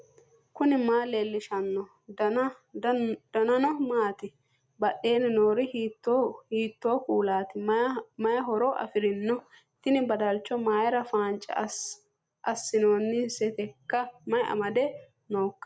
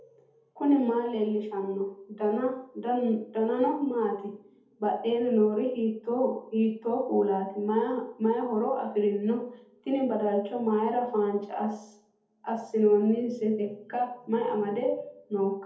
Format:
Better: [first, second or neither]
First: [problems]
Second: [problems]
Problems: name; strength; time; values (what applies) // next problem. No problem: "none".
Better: first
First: none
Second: room echo; dies away in 0.6 s